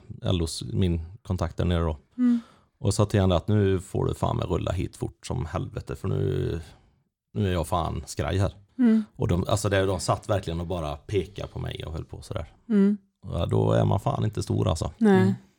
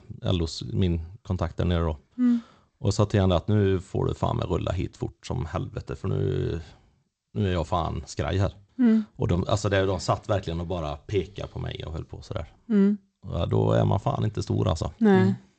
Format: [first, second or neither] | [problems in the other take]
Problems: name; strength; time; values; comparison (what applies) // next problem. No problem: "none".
first | garbled, watery; slightly; nothing above 8 kHz